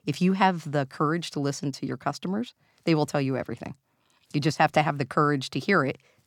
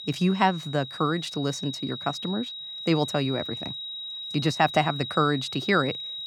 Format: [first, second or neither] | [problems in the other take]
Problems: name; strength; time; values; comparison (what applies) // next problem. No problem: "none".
first | high-pitched whine; loud; throughout; 4 kHz, 7 dB below the speech